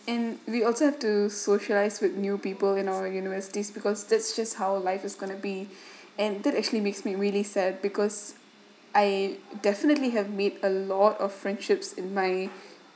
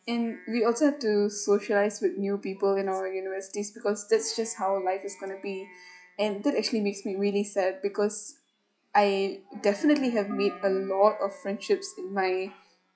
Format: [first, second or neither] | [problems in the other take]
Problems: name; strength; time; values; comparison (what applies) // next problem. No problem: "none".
first | noise reduction (classical method log-MMSE)